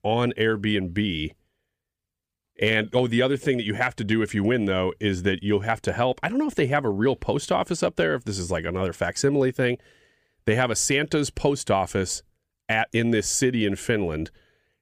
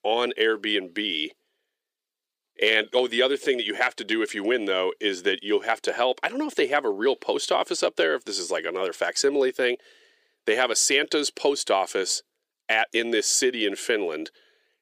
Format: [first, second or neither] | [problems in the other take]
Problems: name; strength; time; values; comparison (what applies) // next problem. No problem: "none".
first | thin; somewhat; fading below 350 Hz